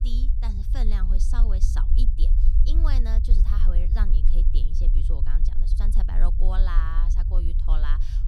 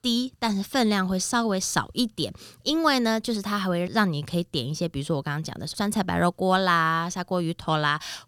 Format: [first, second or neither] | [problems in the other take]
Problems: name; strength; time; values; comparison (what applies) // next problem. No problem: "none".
second | low rumble; loud; throughout; 6 dB below the speech